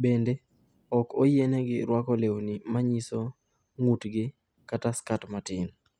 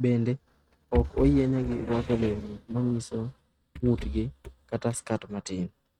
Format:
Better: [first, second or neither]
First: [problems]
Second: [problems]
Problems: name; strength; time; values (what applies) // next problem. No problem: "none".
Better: first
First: none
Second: noise reduction (neural mask model RNNoise)